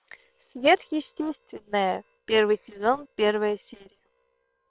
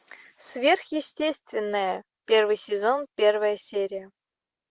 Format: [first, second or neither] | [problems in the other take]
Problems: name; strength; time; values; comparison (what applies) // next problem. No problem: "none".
second | noise reduction (neural separator model SepFormer WHAM!)